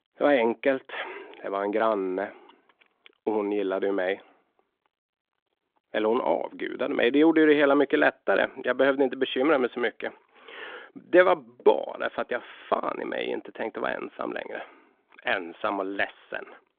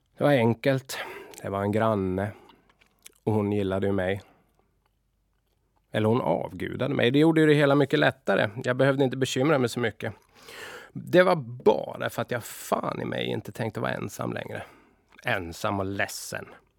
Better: second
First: phone-call audio; nothing above 3.5 kHz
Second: none

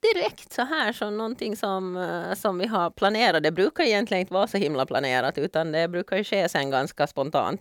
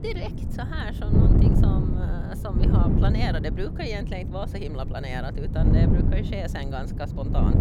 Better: first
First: none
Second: wind noise on the microphone; heavy; as loud as the speech

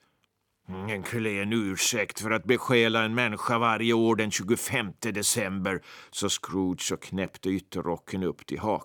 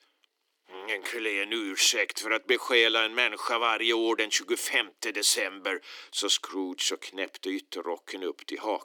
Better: first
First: none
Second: thin; somewhat; fading below 300 Hz

